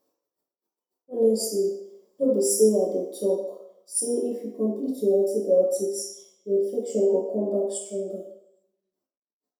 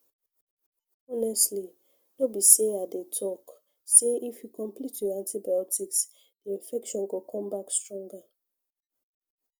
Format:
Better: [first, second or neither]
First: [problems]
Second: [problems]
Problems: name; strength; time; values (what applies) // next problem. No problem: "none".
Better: second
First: room echo; dies away in 0.7 s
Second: none